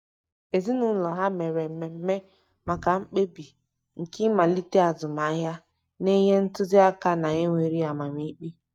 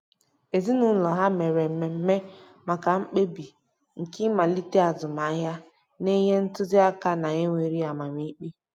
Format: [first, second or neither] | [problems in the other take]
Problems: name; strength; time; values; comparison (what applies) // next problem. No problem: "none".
second | noise reduction (neural mask model DeepFilterNet 3)